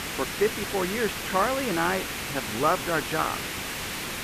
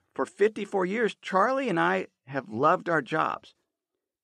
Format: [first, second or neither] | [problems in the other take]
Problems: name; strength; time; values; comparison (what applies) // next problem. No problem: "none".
second | hiss; loud; throughout; 3 dB below the speech